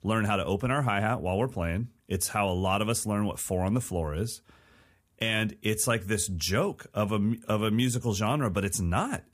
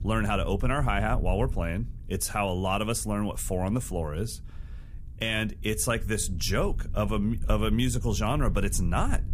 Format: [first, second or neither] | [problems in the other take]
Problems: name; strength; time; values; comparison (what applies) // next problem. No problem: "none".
first | low rumble; faint; throughout; 25 dB below the speech